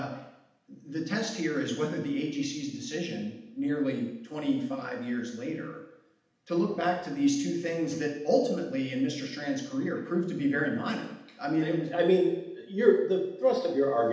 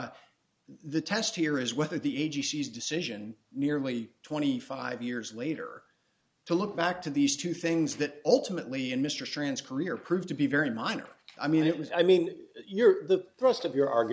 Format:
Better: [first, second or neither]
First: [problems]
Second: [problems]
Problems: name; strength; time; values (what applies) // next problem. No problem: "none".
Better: second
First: room echo; dies away in 0.8 s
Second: none